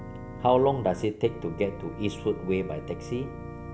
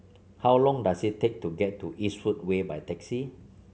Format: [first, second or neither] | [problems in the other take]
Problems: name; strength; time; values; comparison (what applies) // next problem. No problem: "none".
second | background sound (Organ); 11 dB below the speech